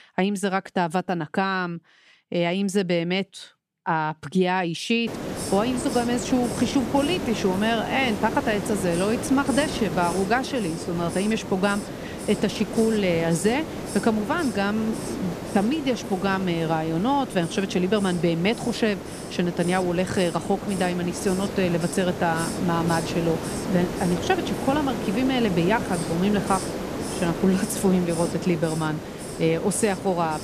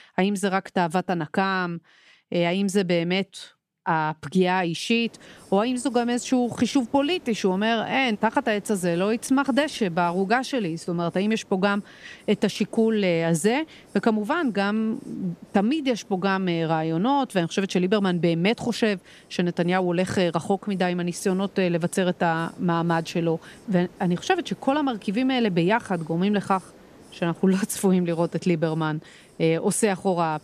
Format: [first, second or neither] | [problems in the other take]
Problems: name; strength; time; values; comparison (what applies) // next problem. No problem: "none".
second | hiss; loud; from 5 s on; 7 dB below the speech; faint in the second